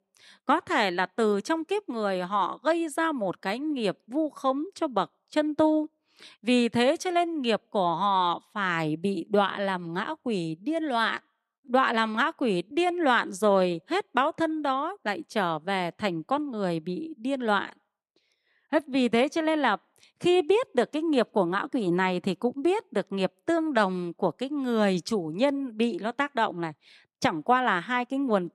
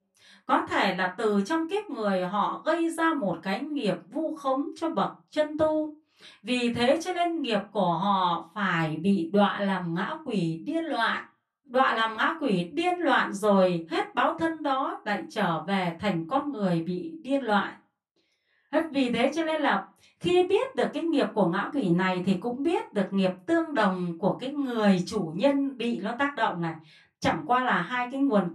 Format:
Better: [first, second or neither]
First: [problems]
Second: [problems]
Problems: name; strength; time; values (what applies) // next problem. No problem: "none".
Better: first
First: none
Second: off-mic speech; far // room echo; very slight; dies away in 0.2 s